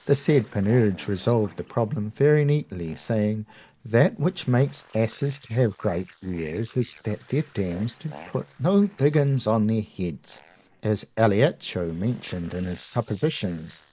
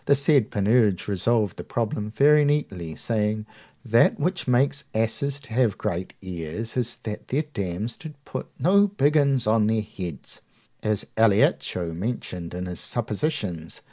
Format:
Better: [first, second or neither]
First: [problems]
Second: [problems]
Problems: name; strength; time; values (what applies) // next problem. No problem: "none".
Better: second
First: noise reduction (neural mask model Resemble Enhance denoiser)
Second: none